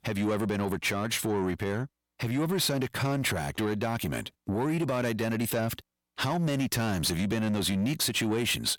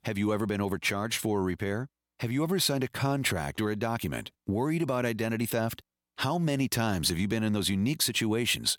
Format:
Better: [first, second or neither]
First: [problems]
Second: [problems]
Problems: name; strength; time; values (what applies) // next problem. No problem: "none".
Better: second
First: distortion; slight; 10 dB below the speech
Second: none